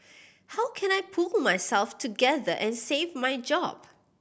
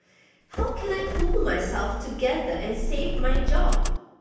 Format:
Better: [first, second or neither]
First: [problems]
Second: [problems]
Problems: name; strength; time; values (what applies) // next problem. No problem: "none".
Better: first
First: none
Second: background sound (Motor vehicle (road)); 5 dB above the speech // room echo; dies away in 1.1 s